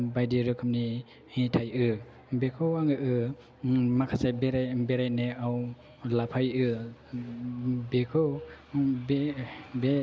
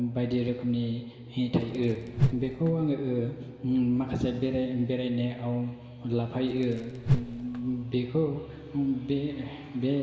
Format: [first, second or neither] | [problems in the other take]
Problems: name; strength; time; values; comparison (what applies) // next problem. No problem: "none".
first | background sound (Whoosh, swoosh, swish); 2 dB below the speech // room echo; dies away in 2.9 s